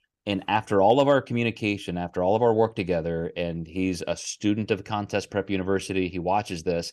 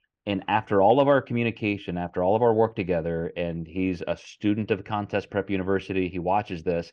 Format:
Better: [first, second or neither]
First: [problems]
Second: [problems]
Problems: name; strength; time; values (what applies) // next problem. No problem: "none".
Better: first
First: none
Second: muffled; slightly; fading above 2.5 kHz